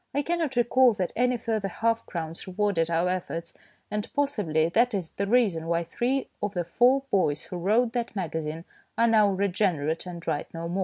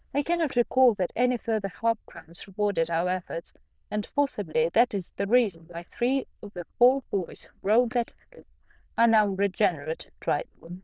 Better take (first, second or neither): first